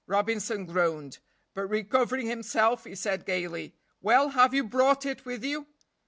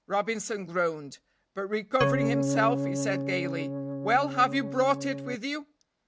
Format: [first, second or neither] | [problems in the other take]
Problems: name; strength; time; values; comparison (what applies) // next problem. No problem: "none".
first | background sound (Organ); as loud as the speech